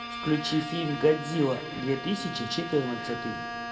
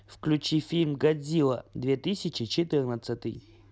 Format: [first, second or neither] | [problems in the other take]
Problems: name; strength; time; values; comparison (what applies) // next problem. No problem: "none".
second | background sound (Bowed string instrument); 8 dB below the speech // room echo; dies away in 2.3 s